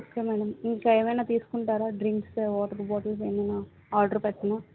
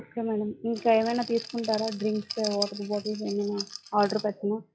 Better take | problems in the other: first | noise reduction (classical method log-MMSE)

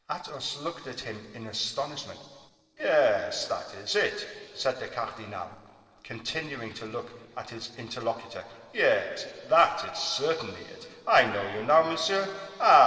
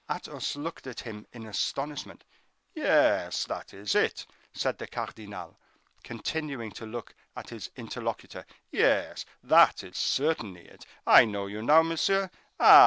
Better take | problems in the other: second | noise reduction (neural separator model SepFormer DNS4)

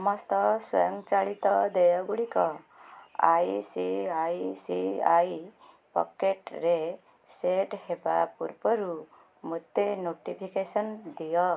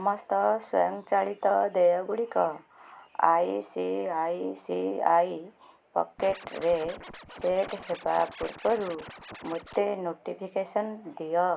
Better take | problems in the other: first | background sound (Scratching (performance technique)); 16 dB below the speech

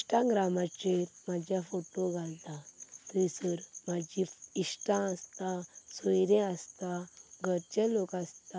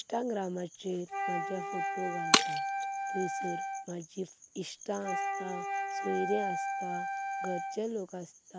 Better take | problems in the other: first | background sound (Shatter + Wind instrument, woodwind instrument); 3 dB above the speech

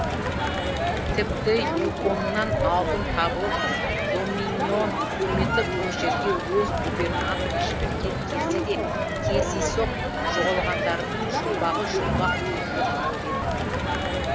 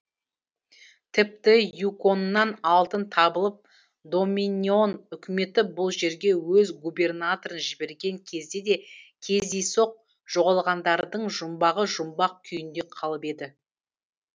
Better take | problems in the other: second | background sound (Crowd); 5 dB above the speech

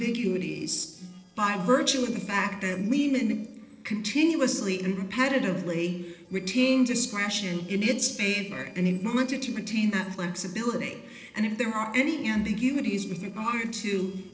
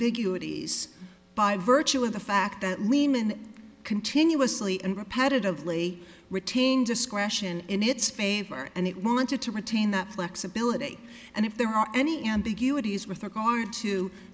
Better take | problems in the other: second | noise reduction (neural separator model SepFormer DNS4)

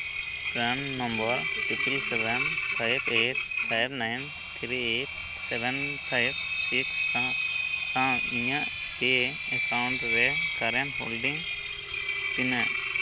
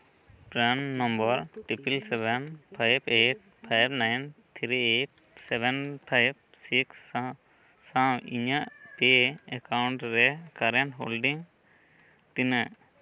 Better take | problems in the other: second | background sound (Engine); 1 dB above the speech

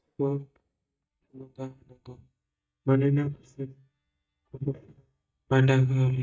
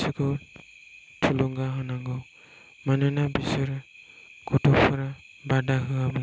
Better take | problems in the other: second | noise reduction (neural mask model DeepFilterNet 3)

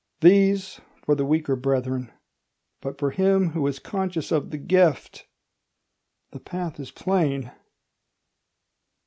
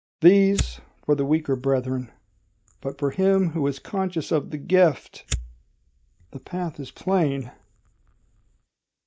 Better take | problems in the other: first | noise reduction (neural mask model DeepFilterNet 3)

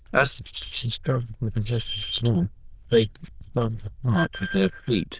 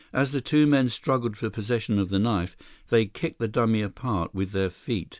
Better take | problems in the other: second | noise reduction (neural diffusion model UNIVERSE++)

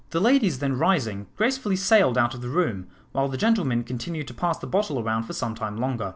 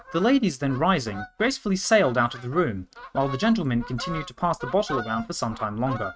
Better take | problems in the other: first | noise reduction (neural mask model RNNoise)

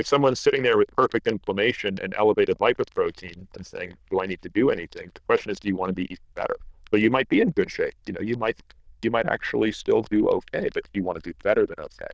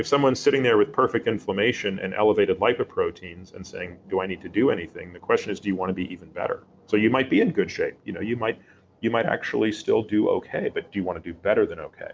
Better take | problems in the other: second | noise reduction (neural diffusion model UNIVERSE++)

